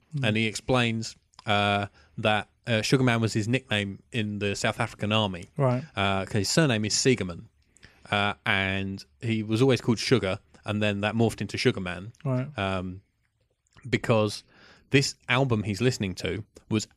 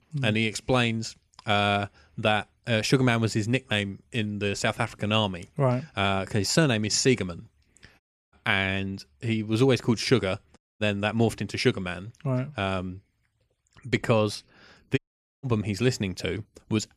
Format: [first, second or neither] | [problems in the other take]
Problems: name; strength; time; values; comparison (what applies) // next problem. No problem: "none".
first | audio cutting out; at 8 s, at 11 s and at 15 s